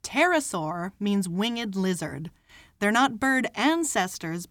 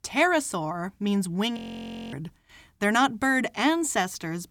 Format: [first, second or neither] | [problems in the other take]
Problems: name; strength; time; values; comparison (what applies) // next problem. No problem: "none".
first | audio freezing; at 1.5 s for 0.5 s